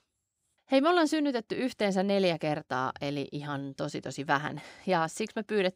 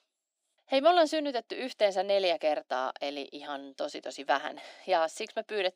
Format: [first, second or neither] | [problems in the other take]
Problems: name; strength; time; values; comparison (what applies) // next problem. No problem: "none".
first | thin; somewhat; fading below 250 Hz